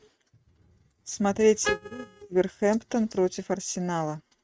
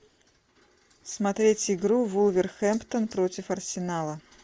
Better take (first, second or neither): second